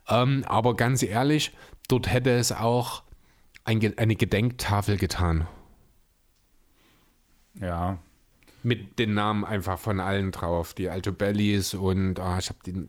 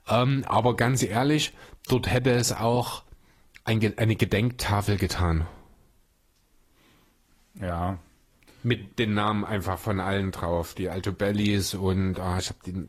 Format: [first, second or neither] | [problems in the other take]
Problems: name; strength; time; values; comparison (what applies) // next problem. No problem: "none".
first | garbled, watery; slightly